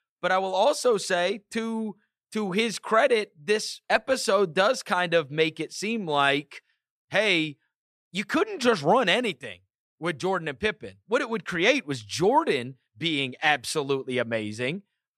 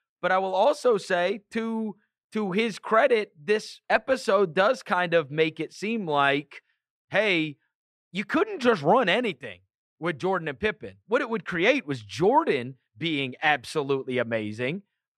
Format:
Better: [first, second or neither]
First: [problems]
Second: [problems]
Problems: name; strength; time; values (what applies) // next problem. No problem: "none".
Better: first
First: none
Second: muffled; slightly; fading above 3.5 kHz